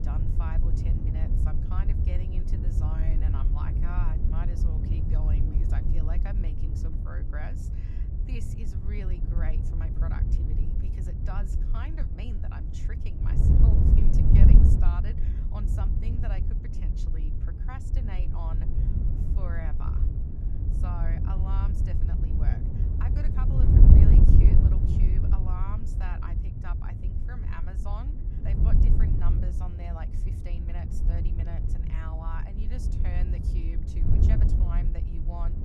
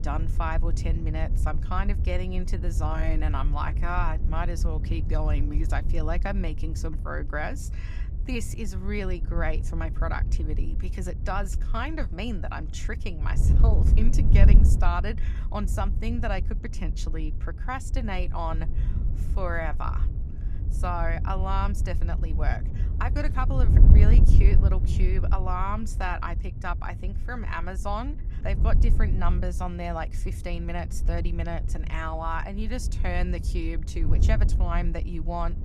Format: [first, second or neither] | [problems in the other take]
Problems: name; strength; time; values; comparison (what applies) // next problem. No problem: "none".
second | wind noise on the microphone; heavy; 3 dB above the speech; occasional gusts in the second